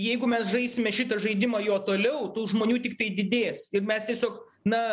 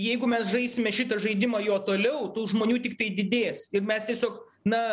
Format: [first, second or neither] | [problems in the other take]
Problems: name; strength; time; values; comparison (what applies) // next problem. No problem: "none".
second | noise reduction (neural mask model Resemble Enhance denoiser)